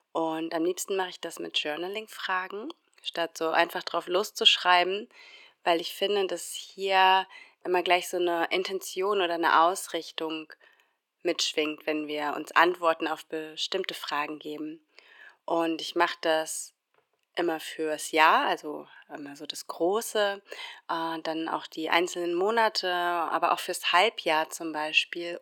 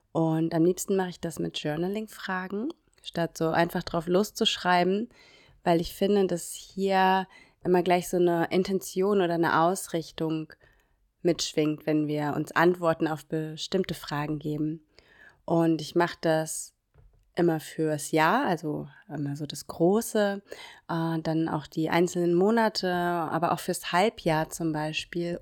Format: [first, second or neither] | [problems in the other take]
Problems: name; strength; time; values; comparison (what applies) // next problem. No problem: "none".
second | thin; very; fading below 350 Hz